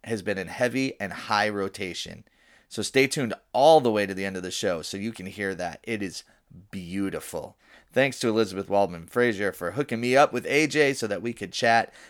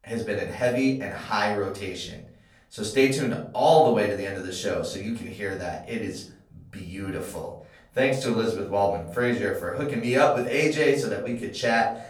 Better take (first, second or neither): first